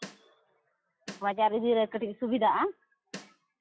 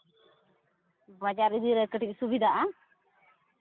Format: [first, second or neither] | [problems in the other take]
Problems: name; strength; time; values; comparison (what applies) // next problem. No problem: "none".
second | noise reduction (classical method log-MMSE)